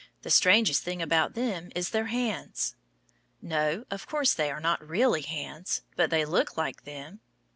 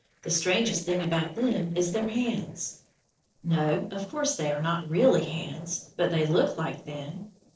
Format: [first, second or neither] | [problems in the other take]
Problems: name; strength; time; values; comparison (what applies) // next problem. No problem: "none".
first | noise reduction (neural separator model SepFormer DNS4)